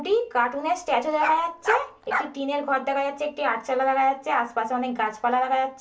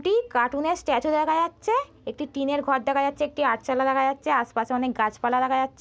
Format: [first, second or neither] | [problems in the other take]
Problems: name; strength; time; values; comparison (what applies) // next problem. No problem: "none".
second | noise reduction (neural separator model SepFormer DNS4)